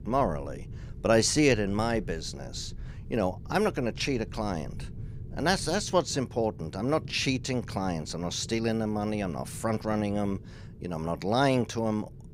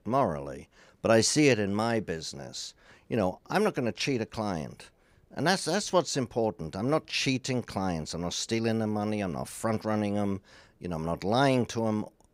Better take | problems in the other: second | low rumble; faint; throughout; 25 dB below the speech

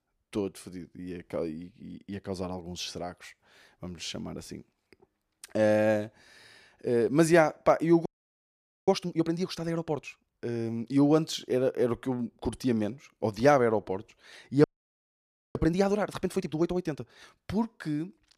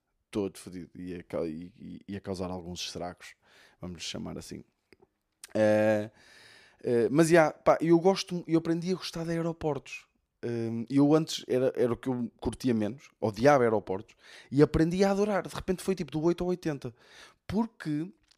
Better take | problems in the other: second | audio freezing; at 8 s for 1 s and at 15 s for 1 s

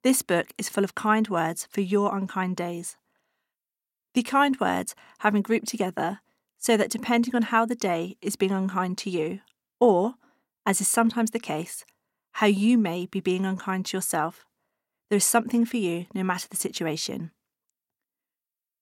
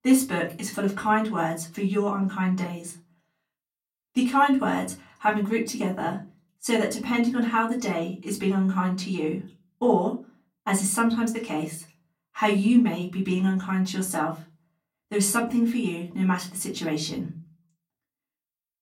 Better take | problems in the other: first | off-mic speech; far // room echo; very slight; dies away in 0.4 s

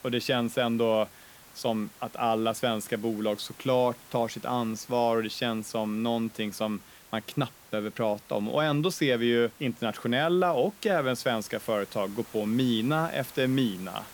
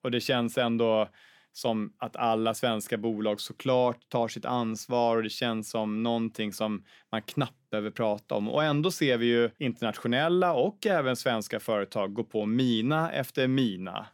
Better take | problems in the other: second | hiss; faint; throughout; 20 dB below the speech

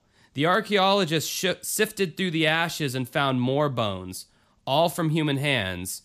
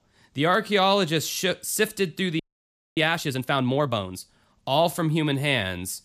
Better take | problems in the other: first | audio freezing; at 2.5 s for 0.5 s

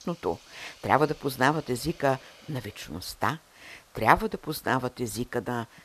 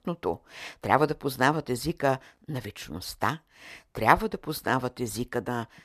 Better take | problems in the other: second | hiss; faint; throughout; 25 dB below the speech

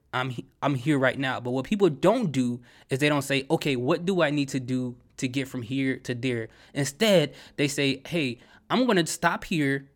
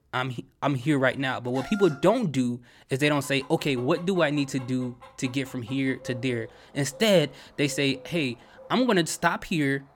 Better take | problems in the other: first | animal sounds; faint; throughout; 20 dB below the speech

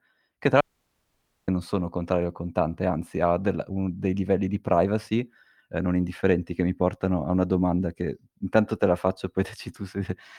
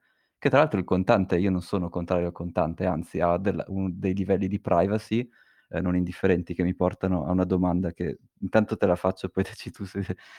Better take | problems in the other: second | audio cutting out; at 0.5 s for 1 s

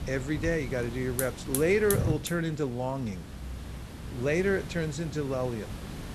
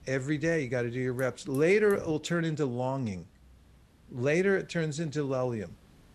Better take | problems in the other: second | hiss; loud; throughout; 7 dB below the speech; faint in the second

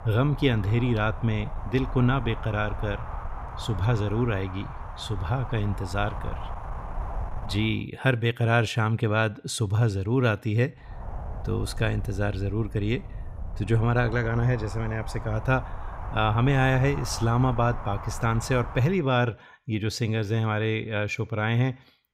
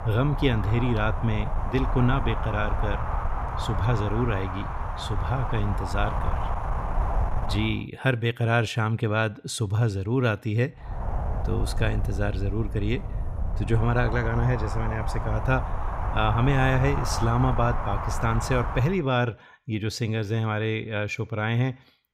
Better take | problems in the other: first | wind noise on the microphone; heavy; until 7.5 s and from 11 to 19 s; 4 dB below the speech; occasional gusts in the first

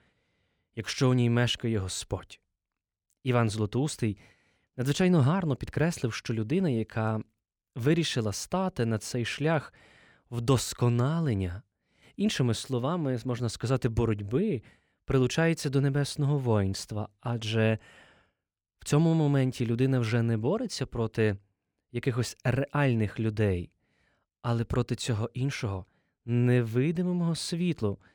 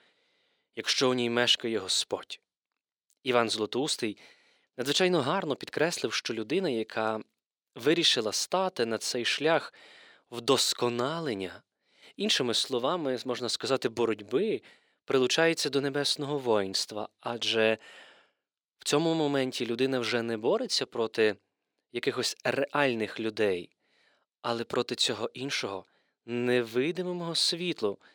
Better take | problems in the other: first | thin; somewhat; fading below 400 Hz

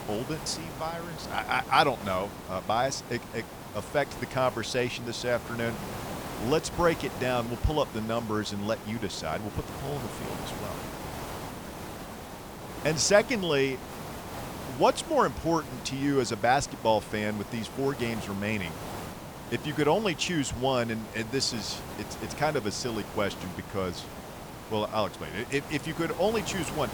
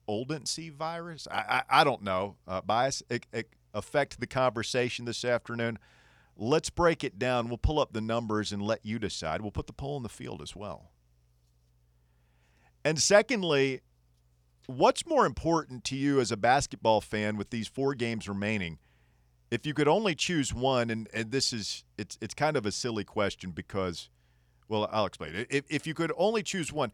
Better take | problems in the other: second | hiss; noticeable; throughout; 10 dB below the speech

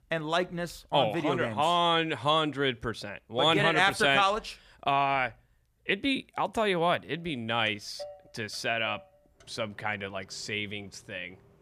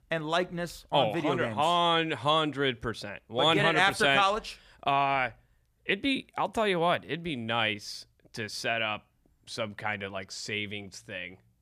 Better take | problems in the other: second | traffic noise; faint; from 7.5 s on; 25 dB below the speech

